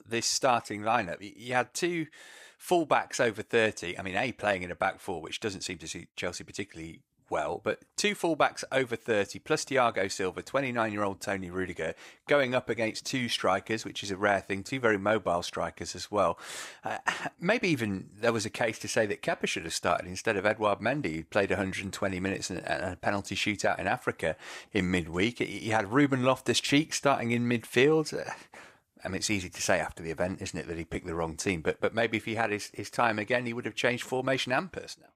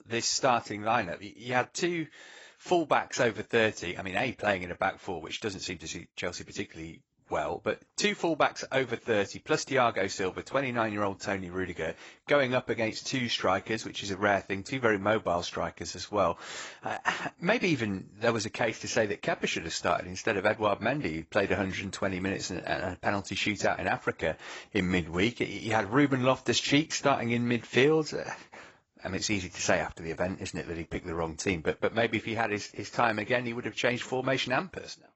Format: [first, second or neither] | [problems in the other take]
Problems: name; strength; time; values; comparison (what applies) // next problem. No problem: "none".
first | garbled, watery; badly; nothing above 7.5 kHz